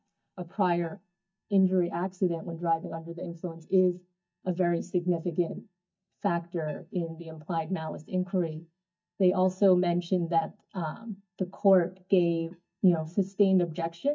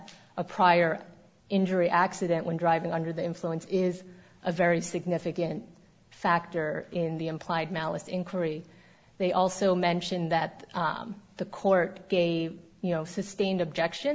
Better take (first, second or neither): second